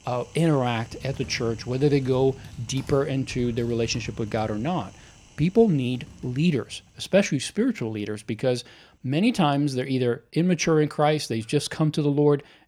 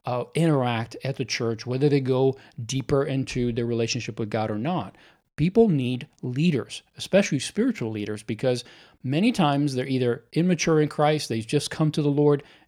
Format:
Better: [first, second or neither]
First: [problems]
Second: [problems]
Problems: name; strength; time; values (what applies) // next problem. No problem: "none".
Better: second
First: household noises; faint; throughout; 20 dB below the speech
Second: none